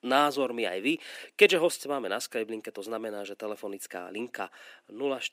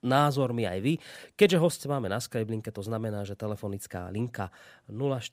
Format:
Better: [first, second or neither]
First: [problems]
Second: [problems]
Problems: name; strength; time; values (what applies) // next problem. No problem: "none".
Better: second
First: thin; somewhat; fading below 300 Hz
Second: none